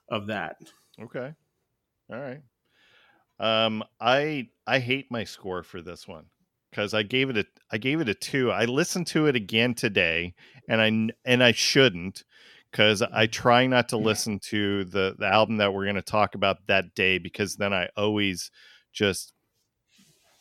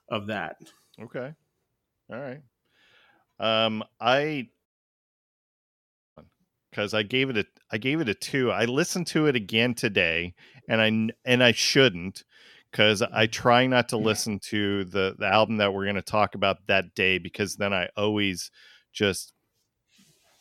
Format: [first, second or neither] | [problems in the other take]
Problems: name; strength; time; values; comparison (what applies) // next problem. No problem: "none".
first | audio cutting out; at 4.5 s for 1.5 s